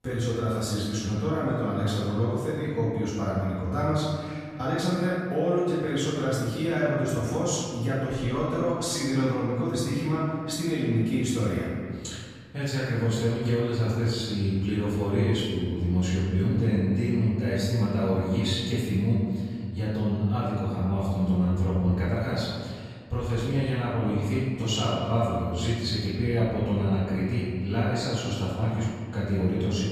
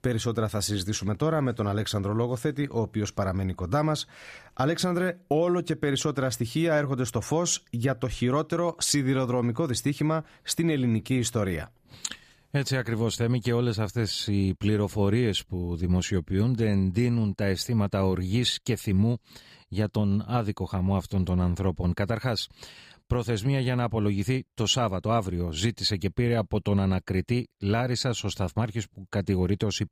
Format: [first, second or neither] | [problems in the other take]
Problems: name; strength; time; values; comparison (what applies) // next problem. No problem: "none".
second | off-mic speech; far // room echo; strong; dies away in 1.8 s